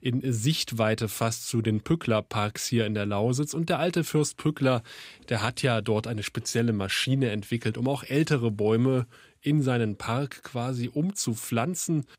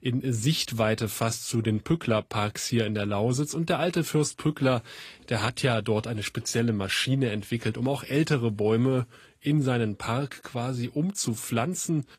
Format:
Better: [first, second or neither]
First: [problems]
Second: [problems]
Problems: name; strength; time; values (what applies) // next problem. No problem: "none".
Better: first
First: none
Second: garbled, watery; slightly; nothing above 14.5 kHz